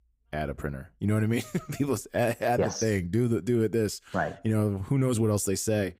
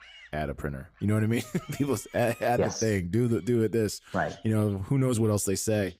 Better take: first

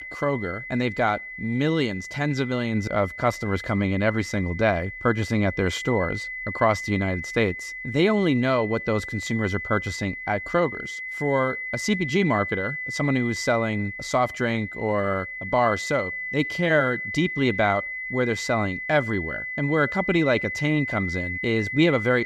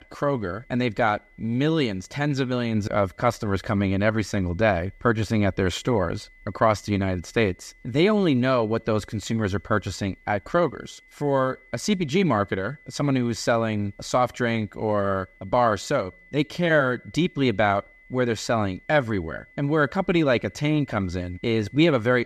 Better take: second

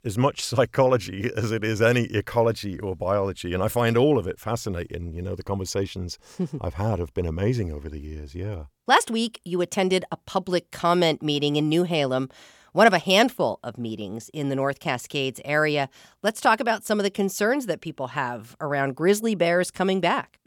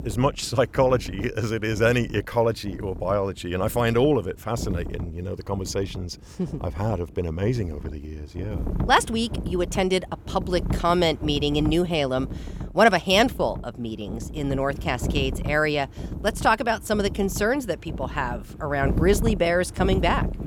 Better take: first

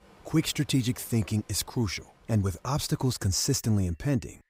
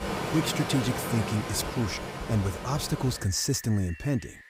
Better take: first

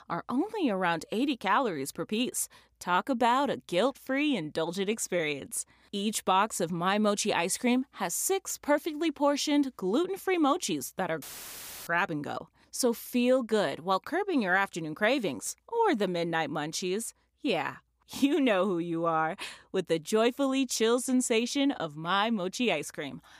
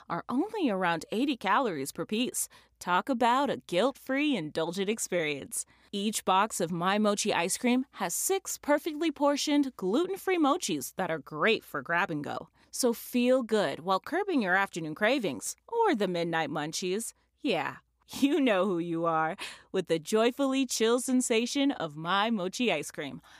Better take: second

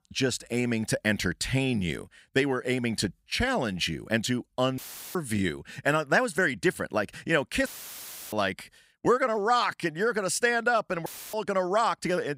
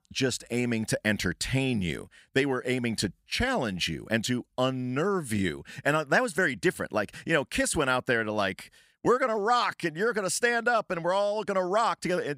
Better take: second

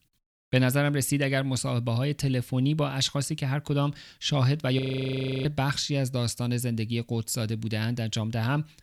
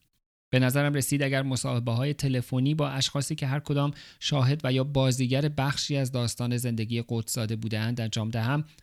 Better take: second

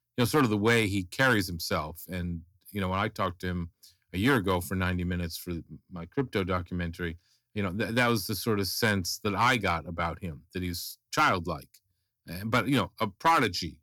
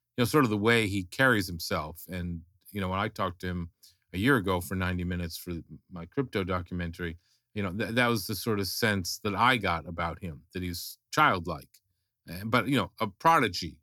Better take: second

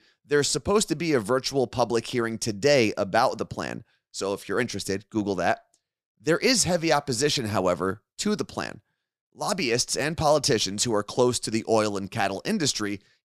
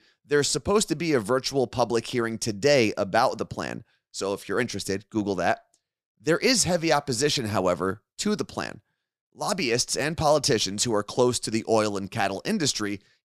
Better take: neither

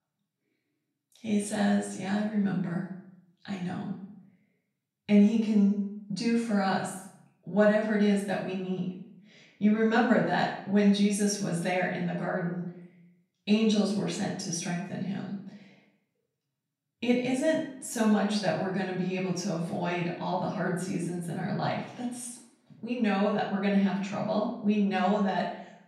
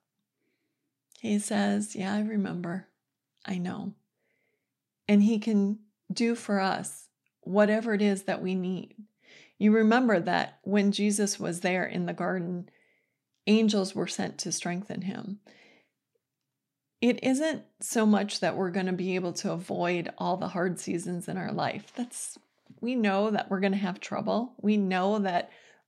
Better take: second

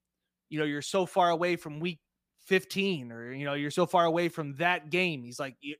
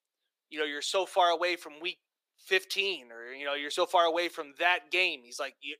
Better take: first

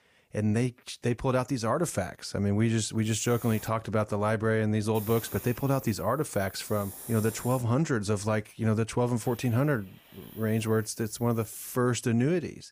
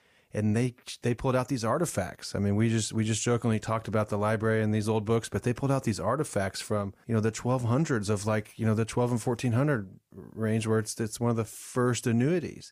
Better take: second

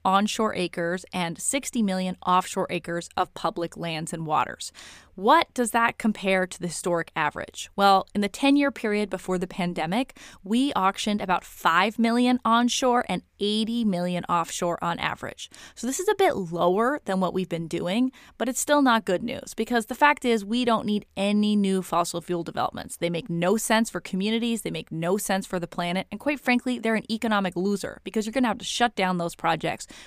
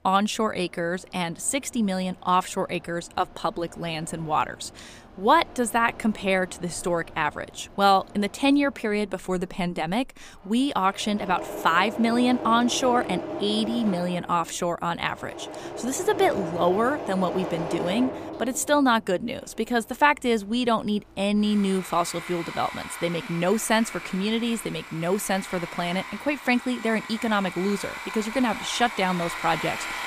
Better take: first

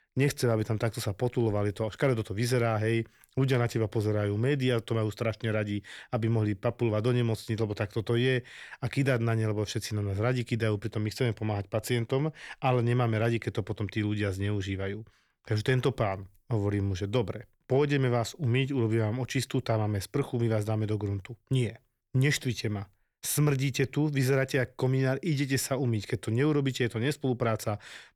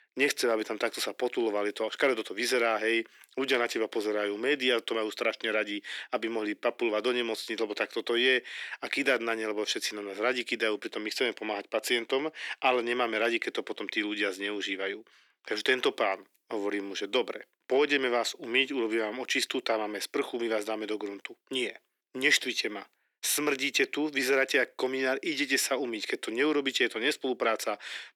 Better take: first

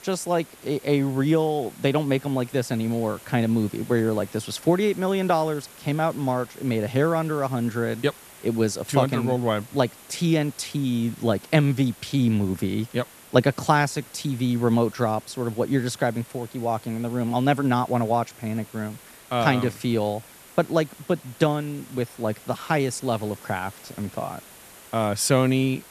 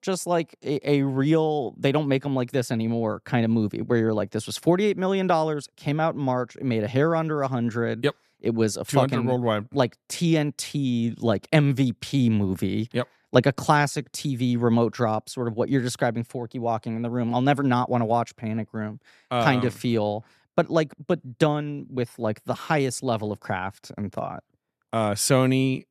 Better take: second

